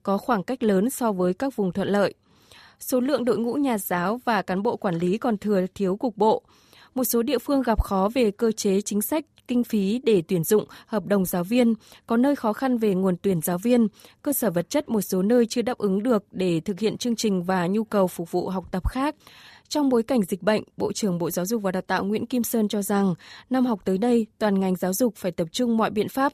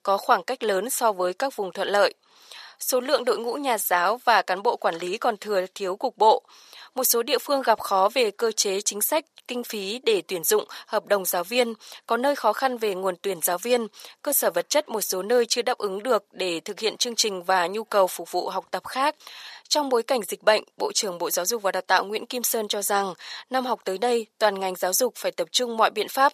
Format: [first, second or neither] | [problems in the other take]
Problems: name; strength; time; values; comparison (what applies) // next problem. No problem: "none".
first | thin; very; fading below 700 Hz